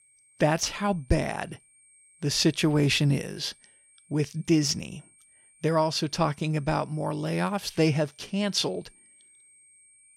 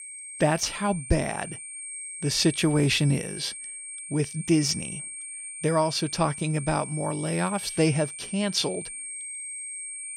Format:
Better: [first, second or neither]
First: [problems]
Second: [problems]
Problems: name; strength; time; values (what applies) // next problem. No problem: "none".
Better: first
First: high-pitched whine; faint; throughout; 8.5 kHz, 30 dB below the speech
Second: high-pitched whine; loud; throughout; 8.5 kHz, 9 dB below the speech